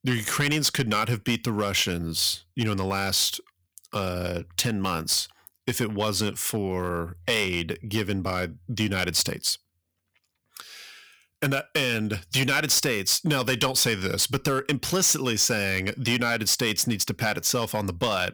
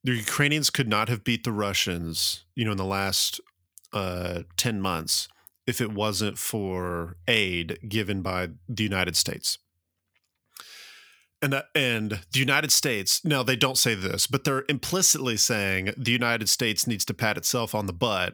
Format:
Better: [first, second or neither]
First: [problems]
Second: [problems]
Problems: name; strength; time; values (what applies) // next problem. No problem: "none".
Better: second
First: distortion; slight; 4% of the sound clipped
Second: none